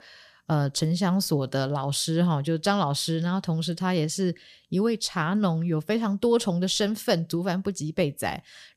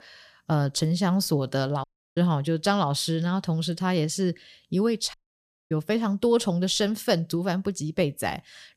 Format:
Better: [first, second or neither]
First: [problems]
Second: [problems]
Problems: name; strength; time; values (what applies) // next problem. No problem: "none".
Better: first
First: none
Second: audio cutting out; at 2 s and at 5 s for 0.5 s